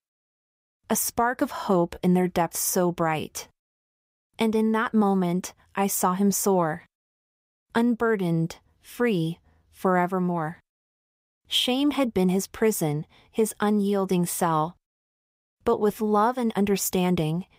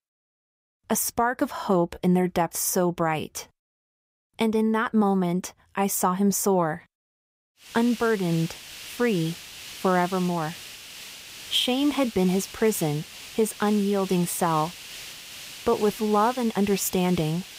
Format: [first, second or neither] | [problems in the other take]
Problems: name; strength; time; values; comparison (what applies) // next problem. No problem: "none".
first | hiss; noticeable; from 7.5 s on; 15 dB below the speech